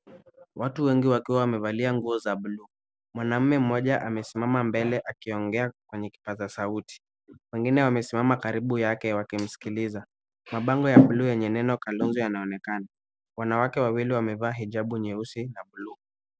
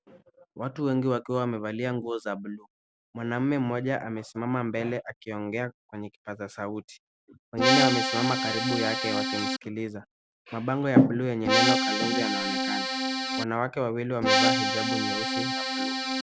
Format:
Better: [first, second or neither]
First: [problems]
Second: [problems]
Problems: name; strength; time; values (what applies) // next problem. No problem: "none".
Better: first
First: none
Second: background sound (Accordion); 4 dB above the speech